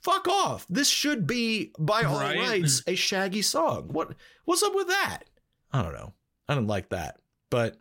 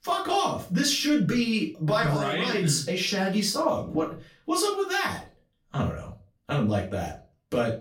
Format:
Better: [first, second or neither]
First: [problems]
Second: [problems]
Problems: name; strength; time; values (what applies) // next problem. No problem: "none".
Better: first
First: none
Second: off-mic speech; far // room echo; slight; dies away in 0.3 s